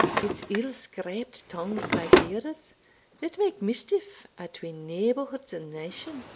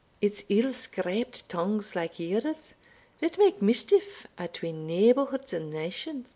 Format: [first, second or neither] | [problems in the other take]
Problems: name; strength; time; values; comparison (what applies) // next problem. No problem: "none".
second | background sound (Drawer open or close); 2 dB above the speech